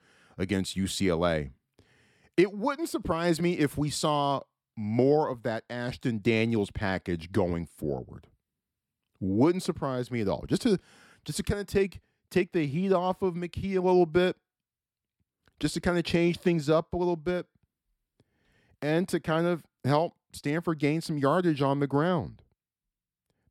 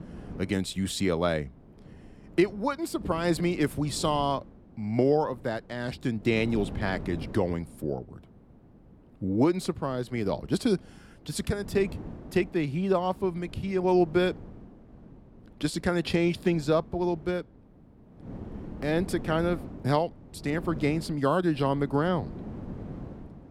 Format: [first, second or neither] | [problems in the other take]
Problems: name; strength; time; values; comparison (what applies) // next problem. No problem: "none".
first | wind noise on the microphone; occasional gusts; 20 dB below the speech